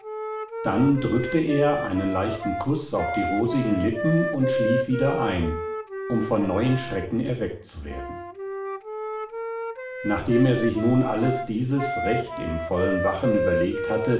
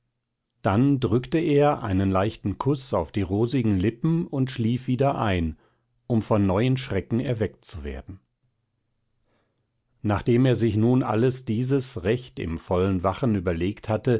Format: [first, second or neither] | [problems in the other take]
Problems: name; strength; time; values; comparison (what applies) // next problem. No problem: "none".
second | background sound (Wind instrument, woodwind instrument); 5 dB below the speech // room echo; dies away in 0.5 s